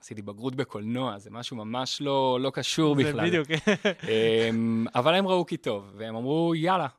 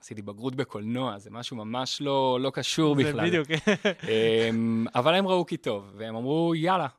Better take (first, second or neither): neither